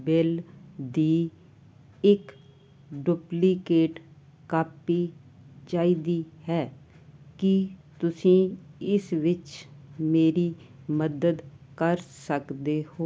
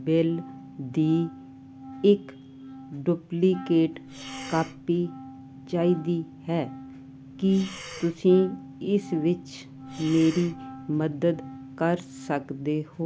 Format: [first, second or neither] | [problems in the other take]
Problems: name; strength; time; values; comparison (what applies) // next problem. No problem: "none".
first | background sound (Breathing + Wind instrument, woodwind instrument); 16 dB below the speech